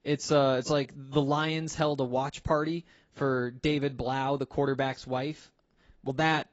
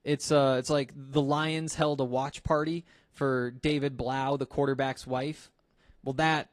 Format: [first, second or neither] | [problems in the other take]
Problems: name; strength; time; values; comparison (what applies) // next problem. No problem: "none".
second | garbled, watery; badly; nothing above 7.5 kHz; slightly in the second